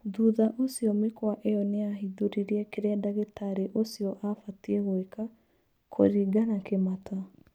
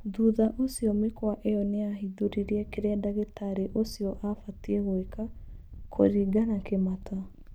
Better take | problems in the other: first | background sound (Wind); 15 dB below the speech

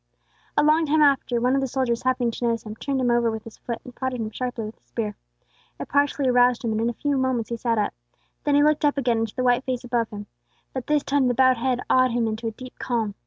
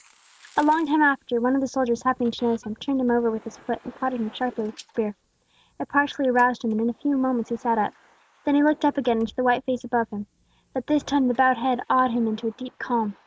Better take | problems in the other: first | noise reduction (neural mask model Resemble Enhance denoiser)

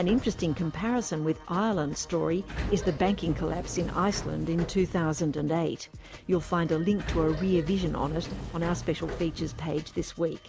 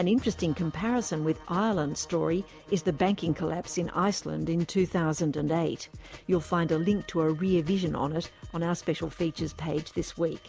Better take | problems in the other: second | background sound (Sliding door); 10 dB below the speech

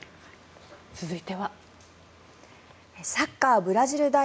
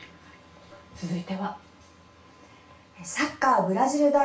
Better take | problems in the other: first | room echo; dies away in 0.3 s

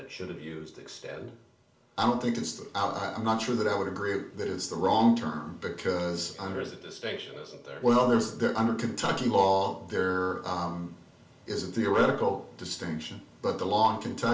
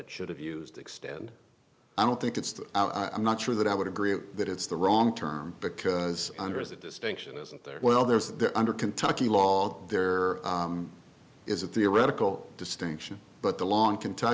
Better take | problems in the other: second | room echo; dies away in 0.3 s

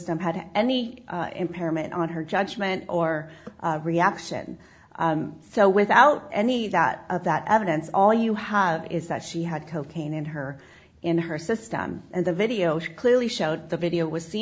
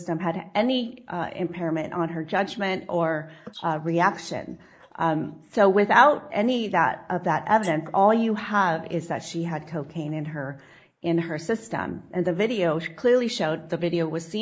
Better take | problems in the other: first | noise reduction (neural mask model Resemble Enhance denoiser)

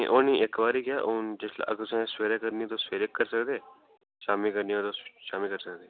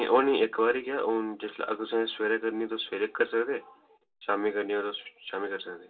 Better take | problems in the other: first | room echo; dies away in 0.2 s

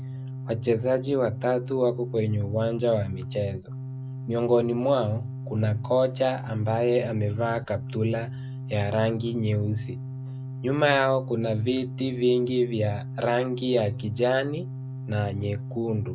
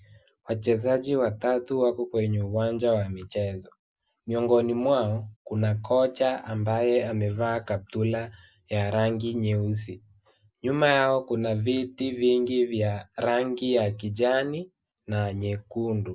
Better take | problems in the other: second | background sound (Organ); 9 dB below the speech

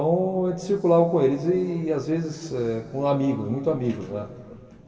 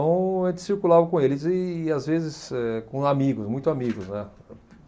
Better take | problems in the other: second | room echo; dies away in 2.3 s

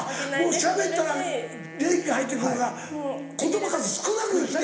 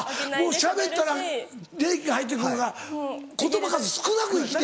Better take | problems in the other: second | background sound (Wind instrument, woodwind instrument); 18 dB below the speech // room echo; dies away in 1 s

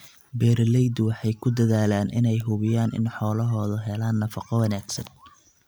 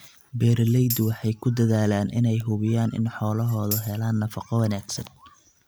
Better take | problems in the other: first | background sound (Tambourine); 13 dB below the speech

